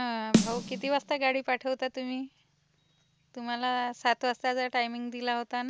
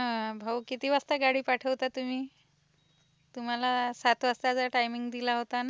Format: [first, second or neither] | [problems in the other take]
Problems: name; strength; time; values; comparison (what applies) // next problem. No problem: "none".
second | background sound (Snare drum); as loud as the speech